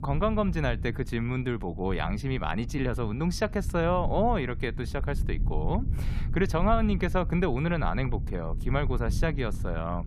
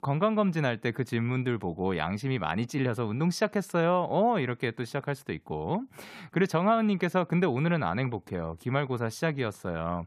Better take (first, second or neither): second